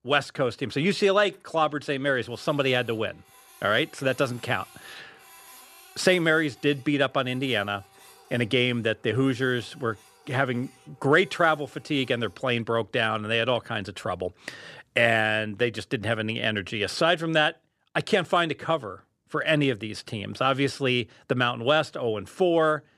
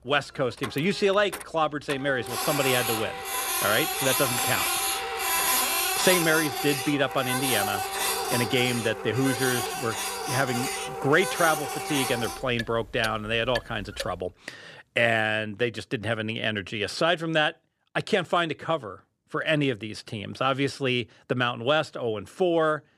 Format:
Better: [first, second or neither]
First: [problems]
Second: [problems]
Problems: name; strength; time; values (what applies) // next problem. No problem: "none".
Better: first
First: household noises; faint; until 14 s; 25 dB below the speech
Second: household noises; loud; until 14 s; 1 dB below the speech